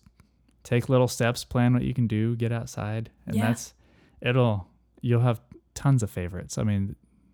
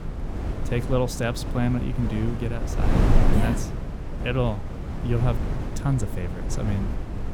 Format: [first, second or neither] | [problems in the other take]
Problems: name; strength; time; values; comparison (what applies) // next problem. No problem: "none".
first | wind noise on the microphone; heavy; 4 dB below the speech